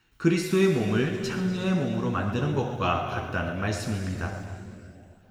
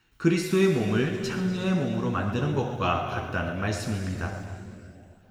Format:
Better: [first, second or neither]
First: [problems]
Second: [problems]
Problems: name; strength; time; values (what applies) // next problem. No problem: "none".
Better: neither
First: room echo; noticeable; dies away in 2.4 s // off-mic speech; somewhat distant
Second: room echo; noticeable; dies away in 2.4 s // off-mic speech; somewhat distant